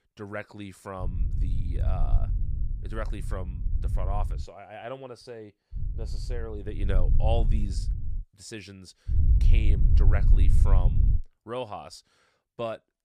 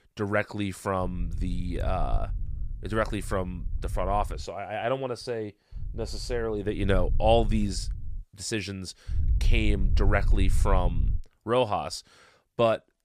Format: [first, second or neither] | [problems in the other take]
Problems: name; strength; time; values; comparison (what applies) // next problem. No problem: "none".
second | low rumble; loud; from 1 to 4.5 s, from 6 to 8 s and from 9 to 11 s; 8 dB below the speech; faint in the second